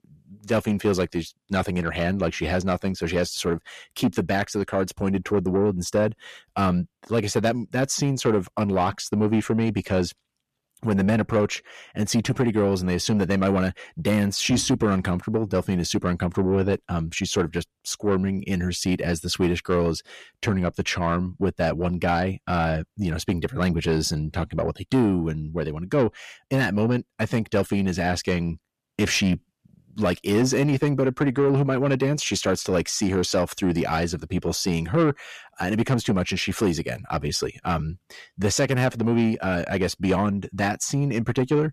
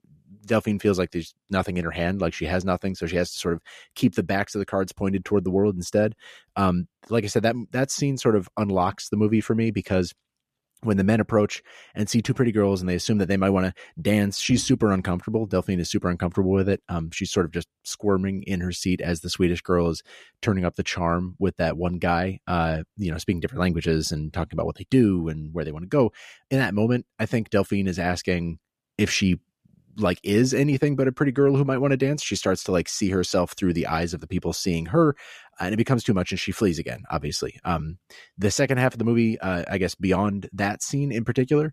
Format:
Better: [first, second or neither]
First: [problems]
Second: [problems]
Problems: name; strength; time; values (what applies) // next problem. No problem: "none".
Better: second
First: distortion; slight; 10 dB below the speech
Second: none